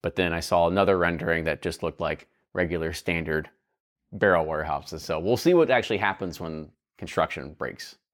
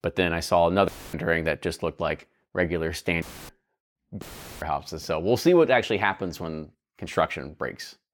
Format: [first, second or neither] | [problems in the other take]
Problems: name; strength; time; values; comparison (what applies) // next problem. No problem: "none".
first | audio cutting out; filled with static; at 1 s, at 3 s and at 4 s